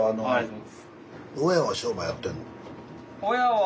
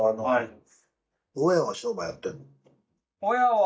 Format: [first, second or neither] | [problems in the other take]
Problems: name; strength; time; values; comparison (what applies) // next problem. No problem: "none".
first | noise reduction (neural mask model DeepFilterNet 3)